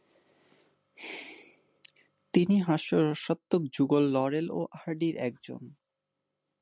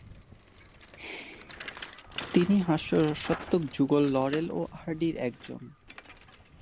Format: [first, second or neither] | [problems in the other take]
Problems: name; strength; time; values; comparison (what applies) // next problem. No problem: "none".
first | background sound (Bicycle); 15 dB below the speech